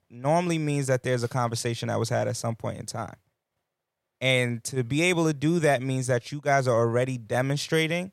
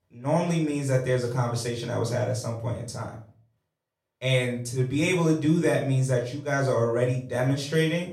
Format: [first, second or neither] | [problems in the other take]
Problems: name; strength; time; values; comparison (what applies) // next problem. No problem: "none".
first | room echo; slight; dies away in 0.4 s // off-mic speech; far